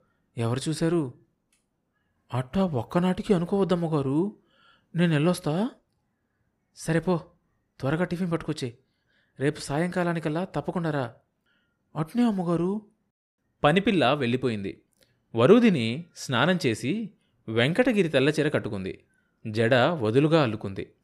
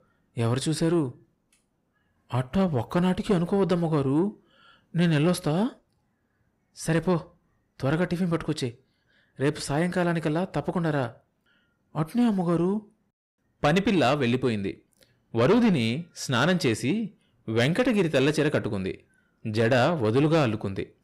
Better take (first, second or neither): first